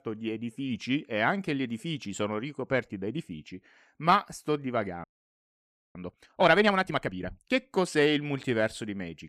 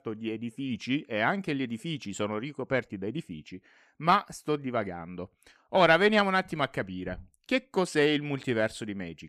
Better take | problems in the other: second | audio freezing; at 5 s for 1 s

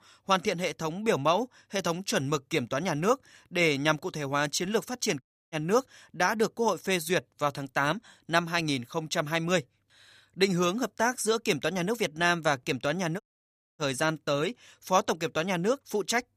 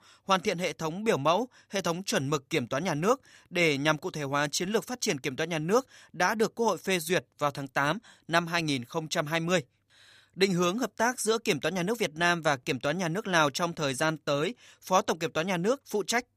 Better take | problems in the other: second | audio cutting out; at 5 s and at 13 s for 0.5 s

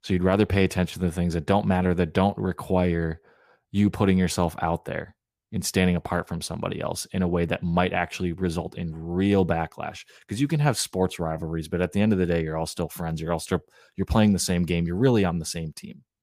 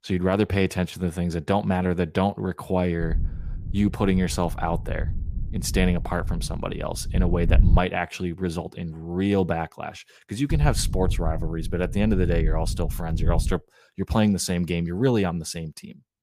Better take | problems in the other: first | wind noise on the microphone; occasional gusts; from 3 to 8 s and from 11 to 14 s; 15 dB below the speech

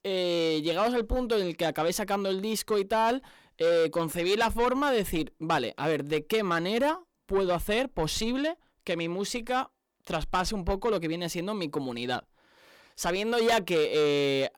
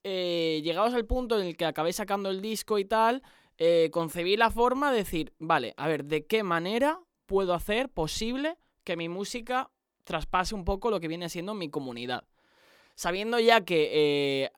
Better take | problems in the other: second | distortion; slight; 10 dB below the speech

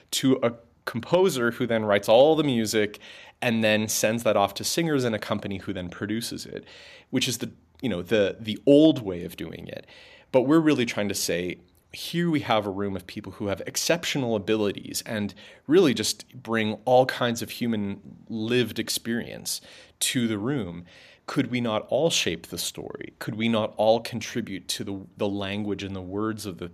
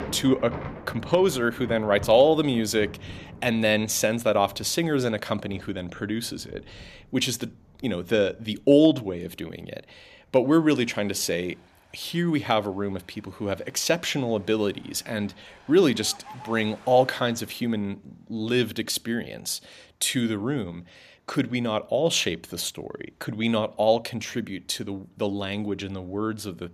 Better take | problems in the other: first | rain or running water; noticeable; until 17 s; 20 dB below the speech

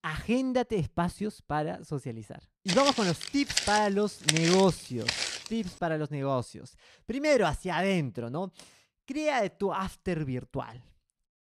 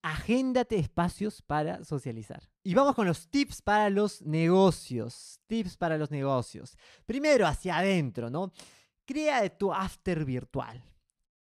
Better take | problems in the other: second | footsteps; loud; from 2.5 to 5.5 s; peak 3 dB above the speech

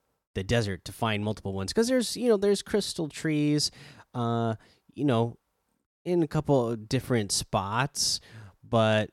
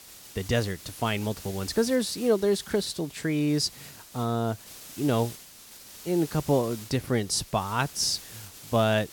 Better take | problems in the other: first | hiss; noticeable; throughout; 15 dB below the speech

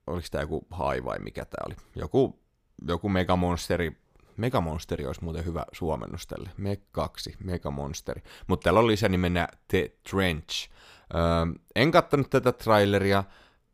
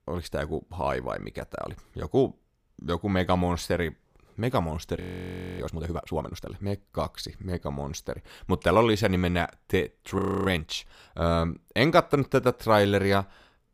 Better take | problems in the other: first | audio freezing; at 5 s for 0.5 s and at 10 s

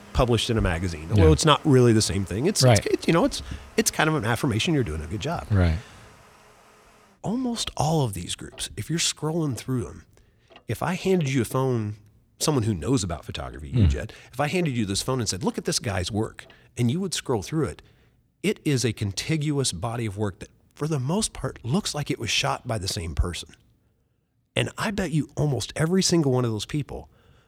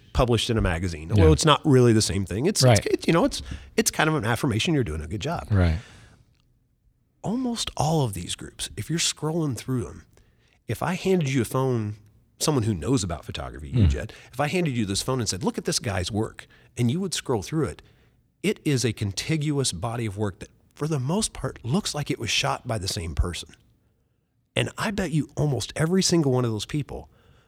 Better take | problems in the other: second | household noises; faint; throughout; 25 dB below the speech

